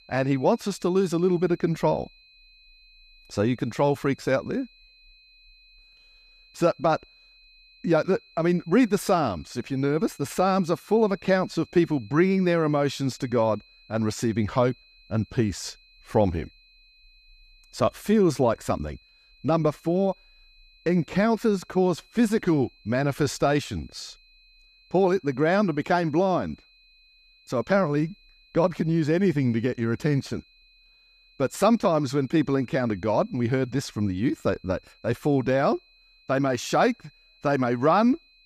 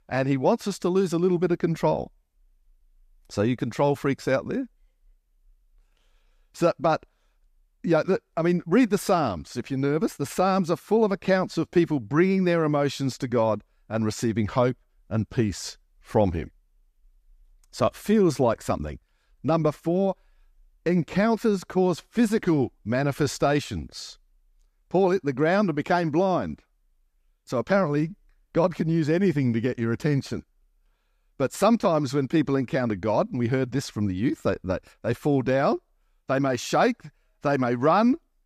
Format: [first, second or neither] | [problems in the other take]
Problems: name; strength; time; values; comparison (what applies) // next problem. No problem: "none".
second | high-pitched whine; faint; throughout; 4 kHz, 30 dB below the speech